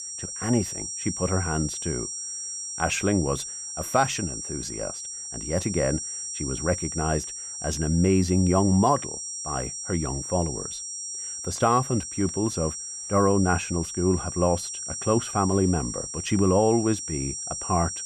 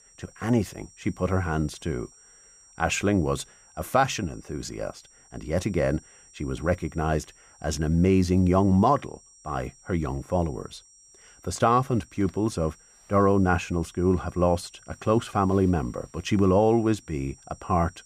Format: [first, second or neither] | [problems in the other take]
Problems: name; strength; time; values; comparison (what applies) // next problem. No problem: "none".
second | high-pitched whine; loud; throughout; 5.5 kHz, 6 dB below the speech; faint in the second